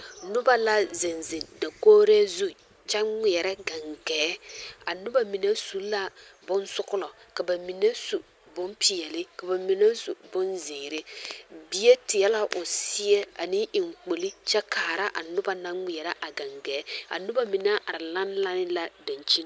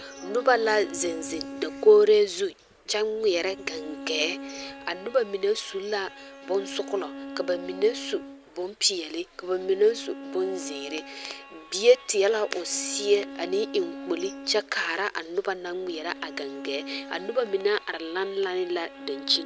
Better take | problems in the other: first | background sound (Bowed string instrument); 14 dB below the speech

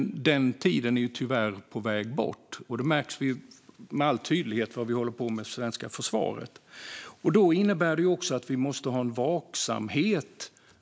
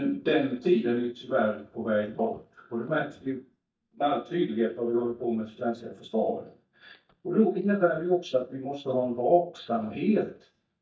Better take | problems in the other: first | noise reduction (neural mask model DeepFilterNet 3)

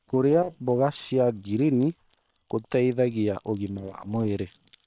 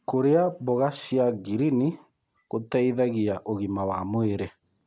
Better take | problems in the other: second | noise reduction (neural separator model SepFormer WHAM!)

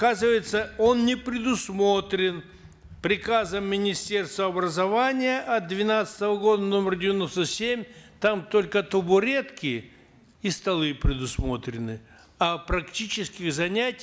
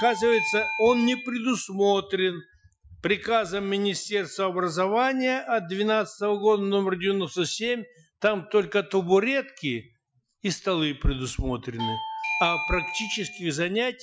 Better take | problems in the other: first | noise reduction (classical method Wiener filter)

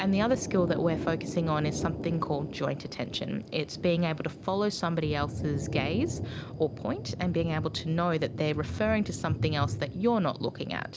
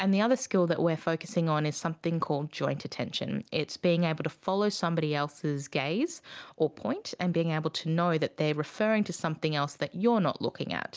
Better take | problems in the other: second | background sound (Thunder); 6 dB below the speech

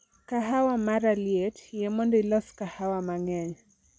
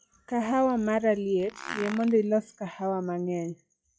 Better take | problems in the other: first | noise reduction (classical method log-MMSE)

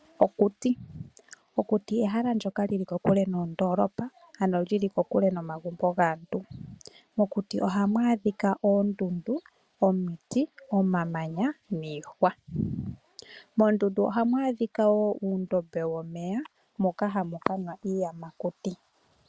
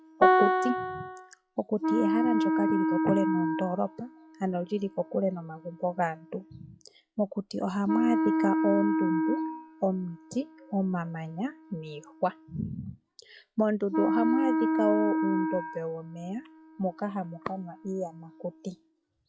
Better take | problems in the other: first | noise reduction (classical method log-MMSE)

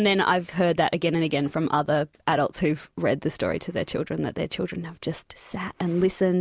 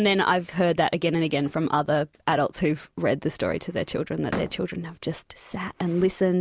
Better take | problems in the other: first | background sound (Slam); 12 dB below the speech

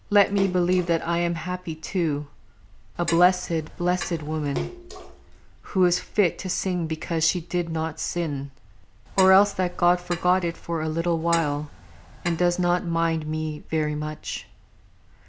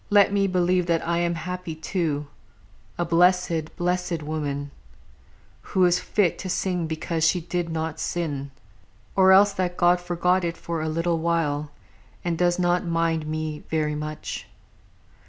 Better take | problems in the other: second | background sound (Splash, splatter + Clock); 14 dB below the speech

